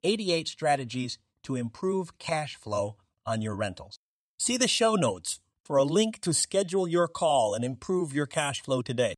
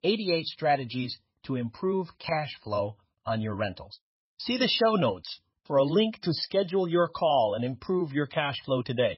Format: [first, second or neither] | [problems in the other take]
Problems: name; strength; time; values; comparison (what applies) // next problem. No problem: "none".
first | garbled, watery; badly; nothing above 5.5 kHz